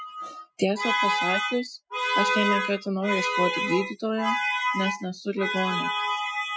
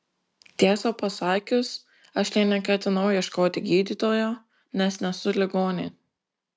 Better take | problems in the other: second | noise reduction (classical method Wiener filter)

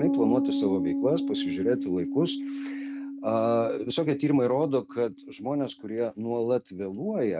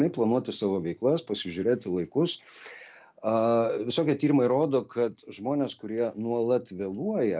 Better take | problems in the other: second | noise reduction (neural mask model RNNoise)

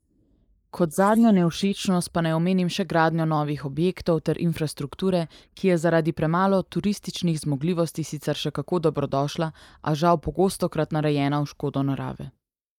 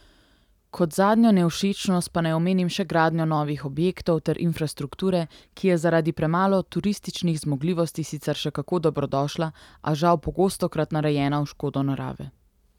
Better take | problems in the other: second | noise reduction (neural mask model Resemble Enhance denoiser)

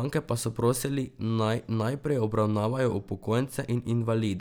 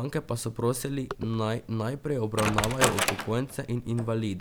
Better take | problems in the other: first | background sound (Wood); 5 dB below the speech

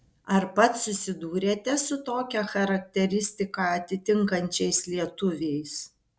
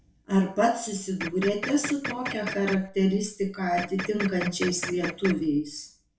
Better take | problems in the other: first | background sound (Printer); 9 dB below the speech // room echo; dies away in 0.3 s

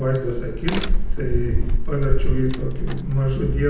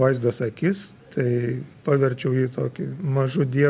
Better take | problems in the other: second | background sound (Crack); 5 dB above the speech // room echo; dies away in 0.9 s

